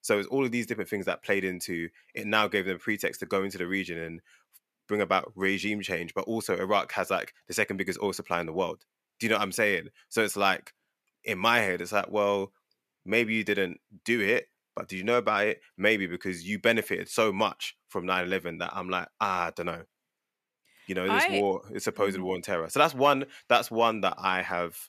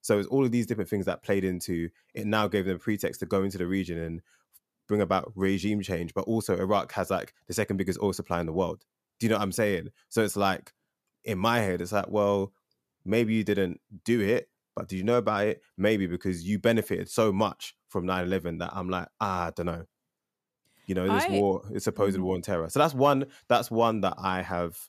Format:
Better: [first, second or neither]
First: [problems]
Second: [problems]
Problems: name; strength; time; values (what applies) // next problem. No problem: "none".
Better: second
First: thin; very slightly; fading below 650 Hz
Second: none